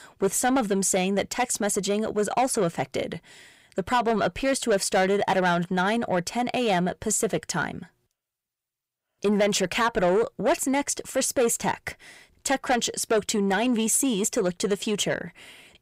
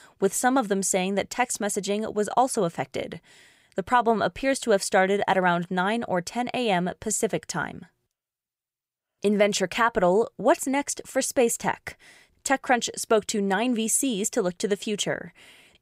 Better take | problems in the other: second | distortion; slight; 10 dB below the speech

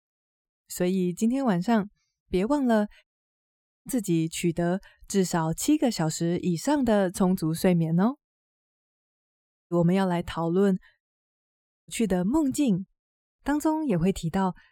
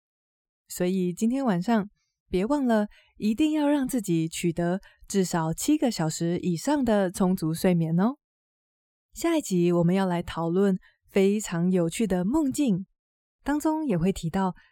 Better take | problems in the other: second | audio cutting out; at 3 s for 1 s, at 9 s for 0.5 s and at 11 s for 1 s

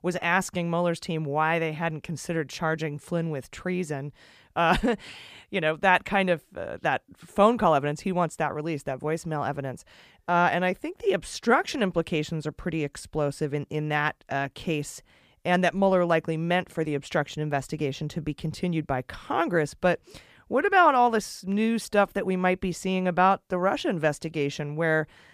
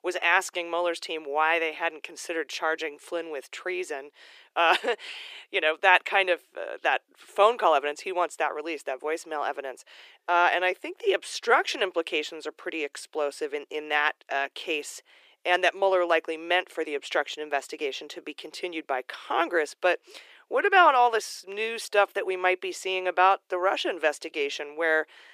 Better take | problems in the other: first | thin; very; fading below 350 Hz

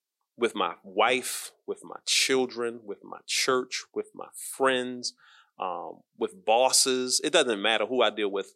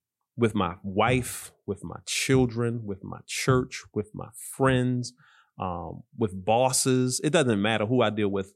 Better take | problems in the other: second | thin; somewhat; fading below 350 Hz

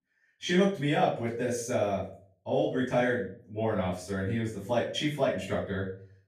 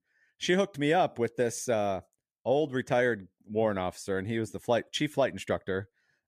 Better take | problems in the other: second | off-mic speech; far // room echo; noticeable; dies away in 0.4 s

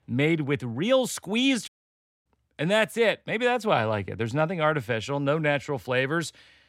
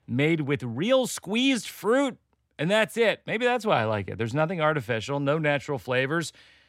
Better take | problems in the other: second | audio cutting out; at 1.5 s for 0.5 s

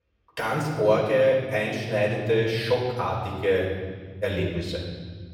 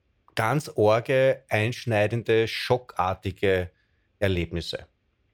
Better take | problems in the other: second | off-mic speech; far // room echo; noticeable; dies away in 1.8 s

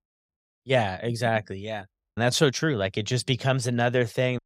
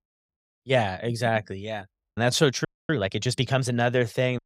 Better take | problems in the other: first | audio freezing; at 2.5 s

